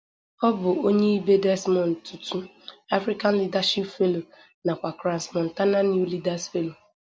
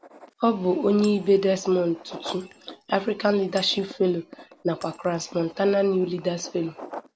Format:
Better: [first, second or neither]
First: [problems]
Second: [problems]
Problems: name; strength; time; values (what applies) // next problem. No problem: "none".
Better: first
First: none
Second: background sound (Shatter + Writing); 19 dB below the speech